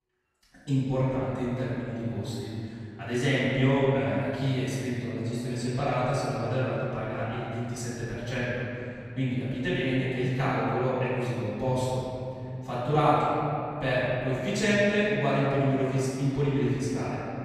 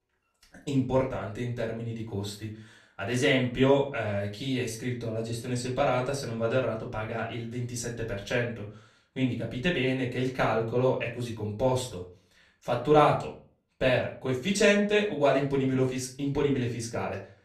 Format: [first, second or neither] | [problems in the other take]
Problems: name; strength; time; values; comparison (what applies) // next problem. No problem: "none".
second | room echo; strong; dies away in 3 s; slight in the second // off-mic speech; far; far in the second